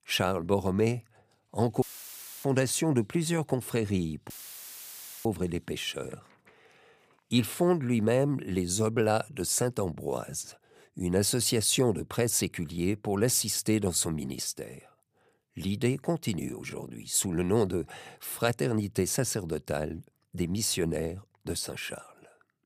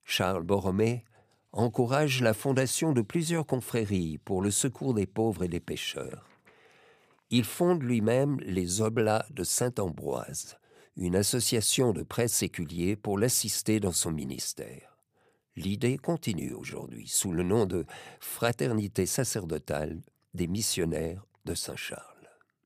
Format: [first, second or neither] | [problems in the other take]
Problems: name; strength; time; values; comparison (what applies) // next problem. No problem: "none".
second | audio cutting out; filled with static; at 2 s for 0.5 s and at 4.5 s for 1 s